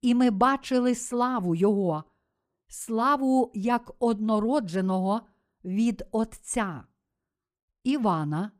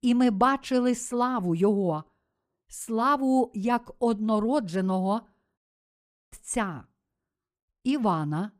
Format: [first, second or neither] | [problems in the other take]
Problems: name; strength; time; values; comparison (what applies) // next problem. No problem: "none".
first | audio cutting out; at 5.5 s for 0.5 s